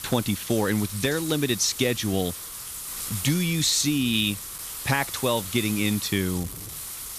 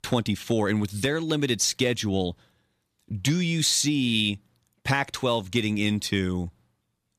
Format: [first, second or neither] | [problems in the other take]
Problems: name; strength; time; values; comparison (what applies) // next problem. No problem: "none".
second | wind noise on the microphone; occasional gusts; 10 dB below the speech